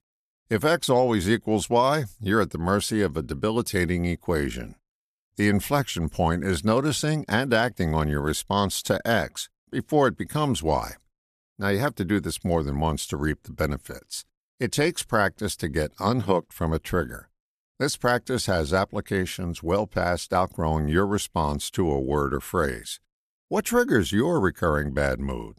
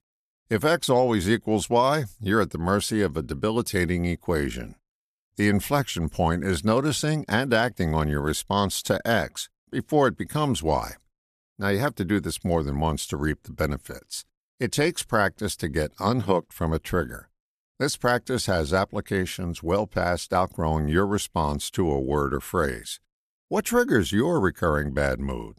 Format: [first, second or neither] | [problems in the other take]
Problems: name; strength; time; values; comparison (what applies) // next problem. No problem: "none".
neither | none